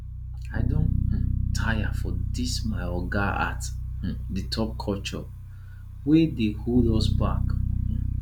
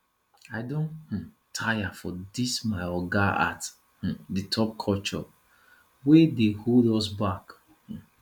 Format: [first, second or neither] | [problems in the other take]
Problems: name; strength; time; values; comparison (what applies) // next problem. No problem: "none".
second | background sound (Bass guitar); 2 dB above the speech